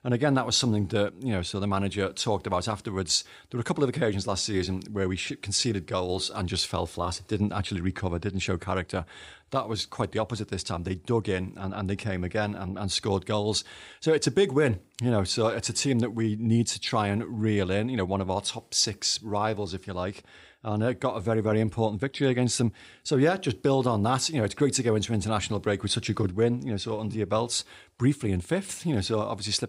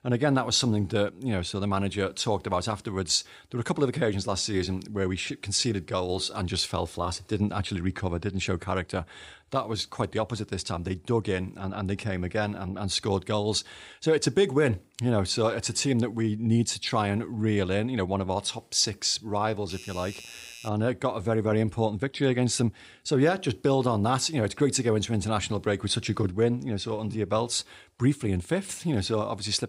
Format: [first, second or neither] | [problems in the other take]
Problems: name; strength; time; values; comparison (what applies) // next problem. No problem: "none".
first | doorbell; faint; from 20 to 21 s; peak 15 dB below the speech